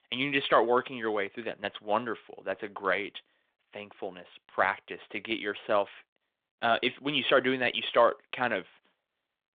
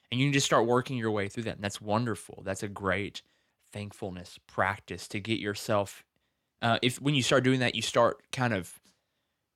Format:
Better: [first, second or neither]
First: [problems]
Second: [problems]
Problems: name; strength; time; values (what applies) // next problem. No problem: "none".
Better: second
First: phone-call audio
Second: none